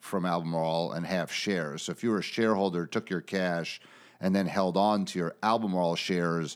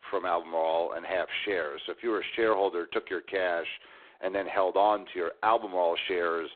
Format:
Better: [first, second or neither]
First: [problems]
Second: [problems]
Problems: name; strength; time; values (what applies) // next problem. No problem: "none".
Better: first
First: none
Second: phone-call audio; poor line